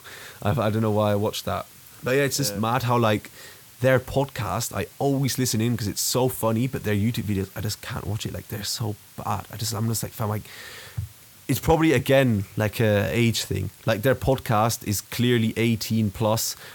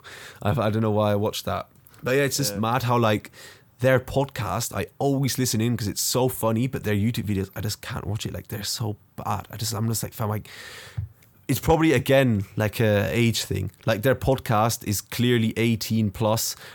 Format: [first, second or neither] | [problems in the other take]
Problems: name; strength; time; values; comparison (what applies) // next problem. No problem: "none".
second | hiss; faint; throughout; 20 dB below the speech